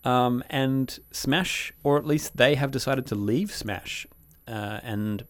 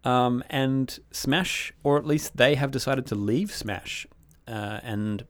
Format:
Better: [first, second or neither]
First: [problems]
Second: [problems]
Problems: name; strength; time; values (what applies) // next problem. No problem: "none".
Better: second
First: high-pitched whine; faint; throughout; 12 kHz, 30 dB below the speech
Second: none